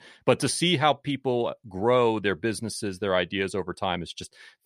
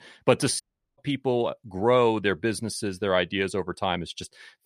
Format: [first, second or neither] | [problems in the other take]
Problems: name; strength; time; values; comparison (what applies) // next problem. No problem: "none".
first | audio cutting out; at 0.5 s